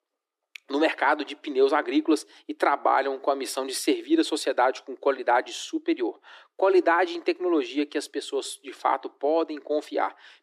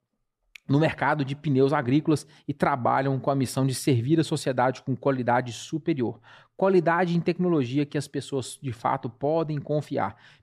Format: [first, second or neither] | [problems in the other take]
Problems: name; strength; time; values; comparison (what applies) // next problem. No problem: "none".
second | thin; somewhat; fading below 300 Hz